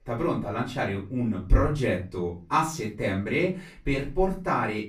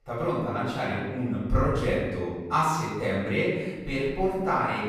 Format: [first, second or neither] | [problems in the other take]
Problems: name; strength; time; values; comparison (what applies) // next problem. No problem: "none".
first | room echo; strong; dies away in 1.2 s; slight in the first // off-mic speech; far; far in the first